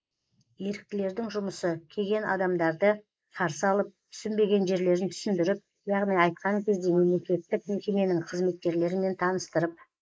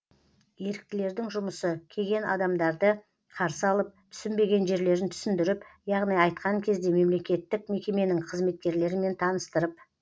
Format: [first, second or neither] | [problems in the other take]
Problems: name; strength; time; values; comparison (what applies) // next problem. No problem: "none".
second | noise reduction (neural mask model Resemble Enhance denoiser)